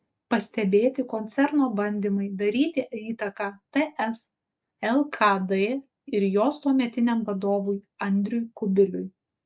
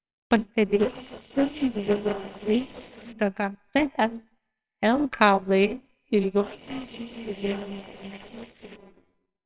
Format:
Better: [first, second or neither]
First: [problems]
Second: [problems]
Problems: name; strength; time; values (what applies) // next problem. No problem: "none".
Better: first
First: none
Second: noise reduction (neural separator model SepFormer WHAMR!)